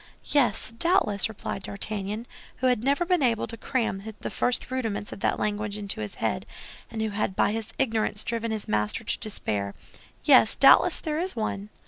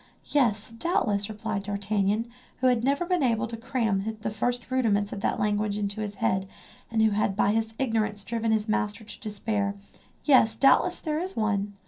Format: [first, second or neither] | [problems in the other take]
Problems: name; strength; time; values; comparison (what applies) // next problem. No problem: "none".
first | room echo; dies away in 0.3 s